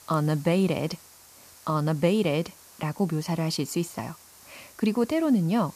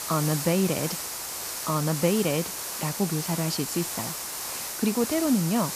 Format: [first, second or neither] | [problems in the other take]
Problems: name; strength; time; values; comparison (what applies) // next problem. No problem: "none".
first | hiss; loud; throughout; 4 dB below the speech; faint in the first